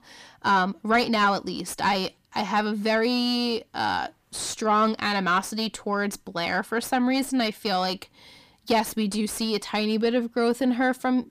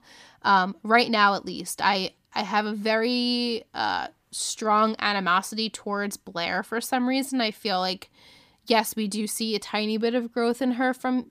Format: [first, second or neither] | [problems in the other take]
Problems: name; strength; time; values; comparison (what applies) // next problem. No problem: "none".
second | distortion; slight; 10 dB below the speech